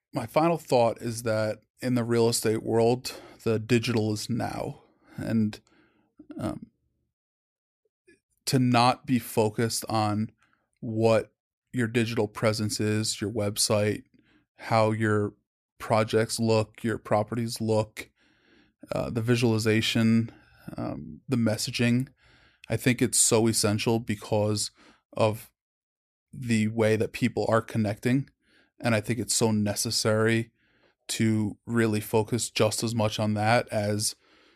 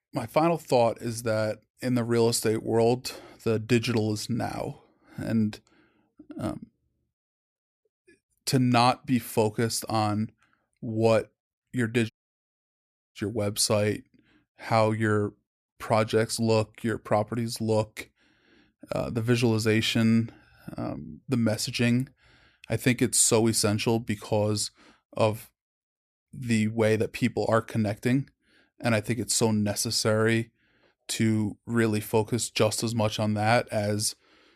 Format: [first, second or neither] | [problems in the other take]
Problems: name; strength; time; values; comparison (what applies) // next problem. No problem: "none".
first | audio cutting out; at 12 s for 1 s